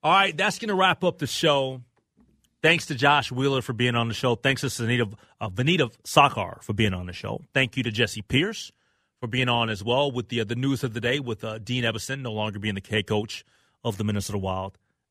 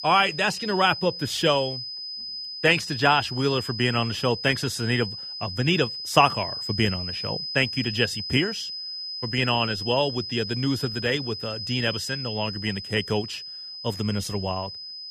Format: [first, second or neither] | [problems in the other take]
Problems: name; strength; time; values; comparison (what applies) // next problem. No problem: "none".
first | high-pitched whine; loud; throughout; 5 kHz, 7 dB below the speech